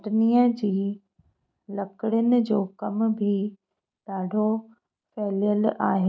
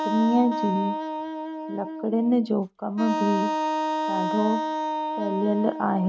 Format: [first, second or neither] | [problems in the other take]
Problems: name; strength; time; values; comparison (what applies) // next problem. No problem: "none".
first | noise reduction (neural mask model RNNoise)